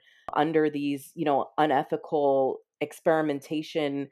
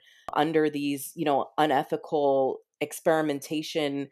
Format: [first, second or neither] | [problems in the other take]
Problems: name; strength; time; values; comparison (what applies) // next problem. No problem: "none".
second | muffled; very slightly; fading above 3.5 kHz